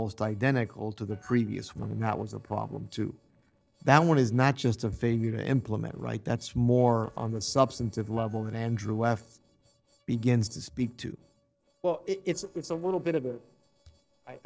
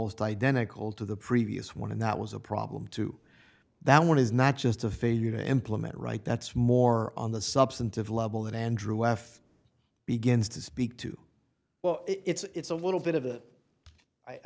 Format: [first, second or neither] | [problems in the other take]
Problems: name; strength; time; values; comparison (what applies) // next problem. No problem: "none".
second | noise reduction (neural separator model SepFormer DNS4)